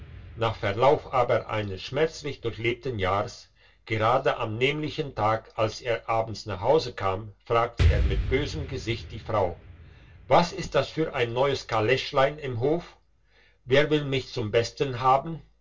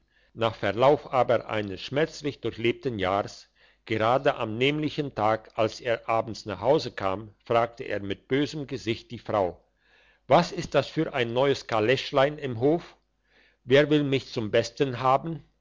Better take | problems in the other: second | background sound (Explosion); 9 dB below the speech // room echo; dies away in 0.2 s

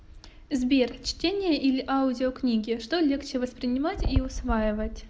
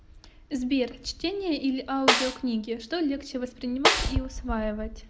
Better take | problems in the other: first | background sound (Snare drum); 1 dB above the speech

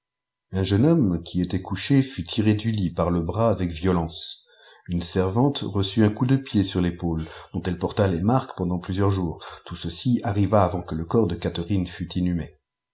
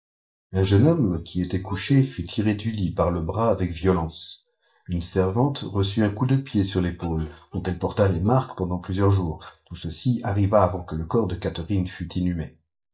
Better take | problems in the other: first | noise reduction (neural mask model DeepFilterNet 3)

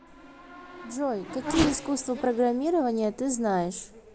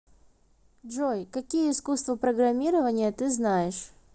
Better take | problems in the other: second | background sound (Race car, auto racing / Accelerating, revving, vroom); 9 dB below the speech

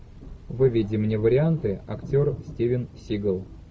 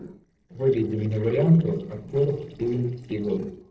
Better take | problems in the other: first | noise reduction (neural separator model SepFormer DNS4)

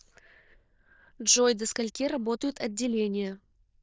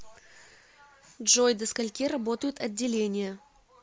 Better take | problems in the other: second | noise reduction (neural diffusion model UNIVERSE++)

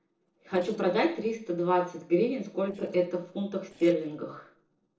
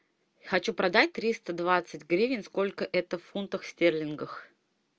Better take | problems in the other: second | noise reduction (neural separator model SepFormer DNS4)

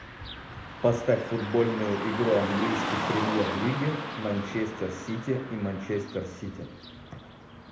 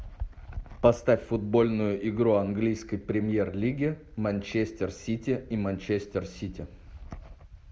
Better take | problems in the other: second | background sound (Car passing by / Traffic noise, roadway noise); 6 dB below the speech // room echo; dies away in 0.7 s

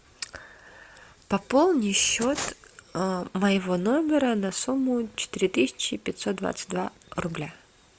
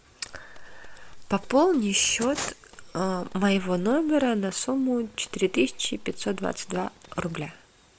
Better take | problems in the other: first | background sound (Gunshot, gunfire); 16 dB below the speech

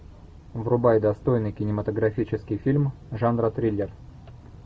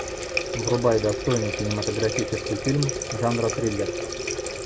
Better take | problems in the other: first | background sound (Water tap, faucet); 3 dB below the speech

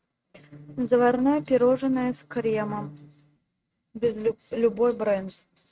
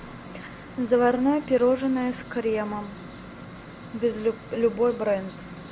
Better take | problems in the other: second | noise reduction (neural mask model RNNoise)

